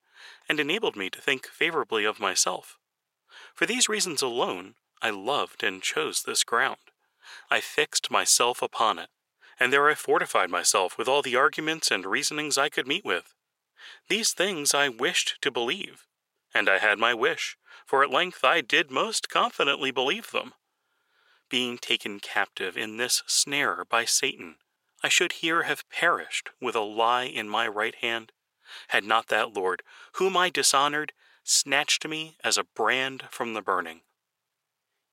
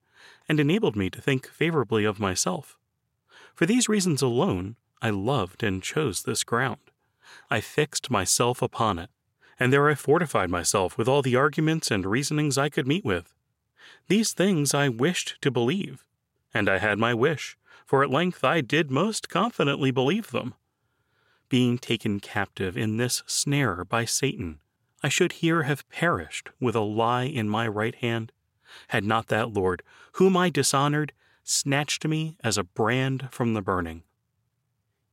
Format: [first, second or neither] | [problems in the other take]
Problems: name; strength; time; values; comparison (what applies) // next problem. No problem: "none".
second | thin; very; fading below 500 Hz